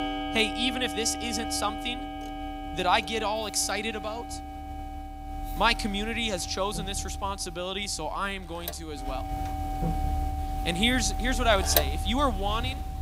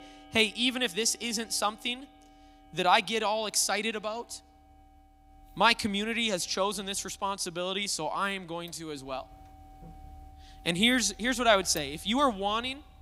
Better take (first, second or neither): second